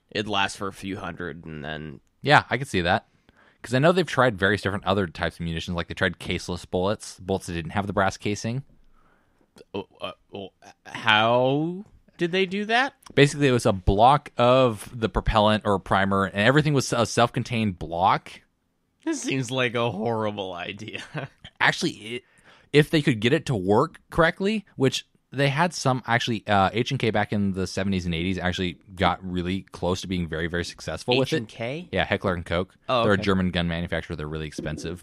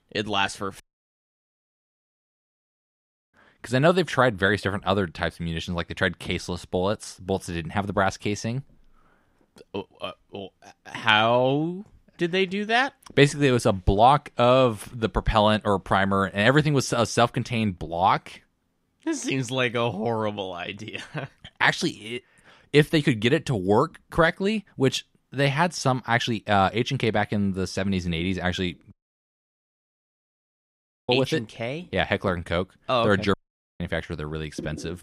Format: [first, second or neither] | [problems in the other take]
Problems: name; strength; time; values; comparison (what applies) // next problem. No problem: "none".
first | audio cutting out; at 1 s for 2.5 s, at 29 s for 2 s and at 33 s